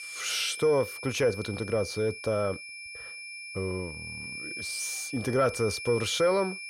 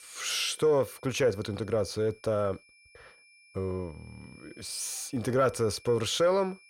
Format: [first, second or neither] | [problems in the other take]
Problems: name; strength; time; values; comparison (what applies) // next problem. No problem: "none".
second | high-pitched whine; loud; throughout; 2.5 kHz, 9 dB below the speech; faint in the second